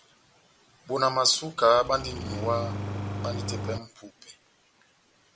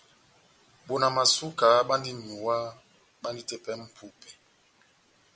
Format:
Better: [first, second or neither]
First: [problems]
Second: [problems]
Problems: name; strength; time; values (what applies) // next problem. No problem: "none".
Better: second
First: background sound (Engine starting); 5 dB below the speech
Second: none